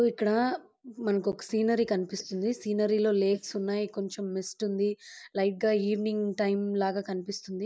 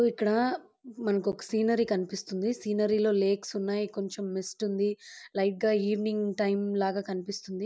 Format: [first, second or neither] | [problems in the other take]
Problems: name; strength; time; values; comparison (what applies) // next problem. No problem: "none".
second | noise reduction (neural mask model Resemble Enhance denoiser)